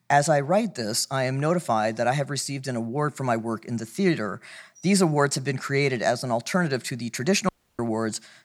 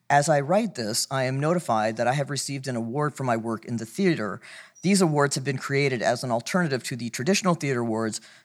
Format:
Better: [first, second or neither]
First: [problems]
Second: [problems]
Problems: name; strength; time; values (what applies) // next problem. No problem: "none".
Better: second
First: audio cutting out; at 7.5 s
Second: none